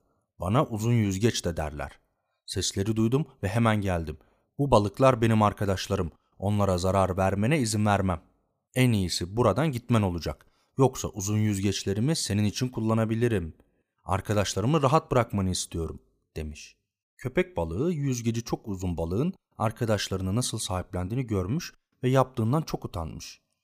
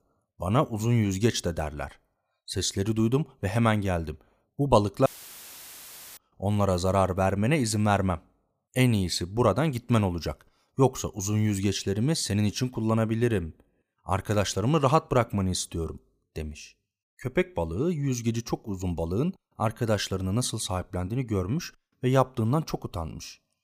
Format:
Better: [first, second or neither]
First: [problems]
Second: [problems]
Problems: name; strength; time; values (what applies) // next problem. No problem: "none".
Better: first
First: none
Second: audio cutting out; filled with static; at 5 s for 1 s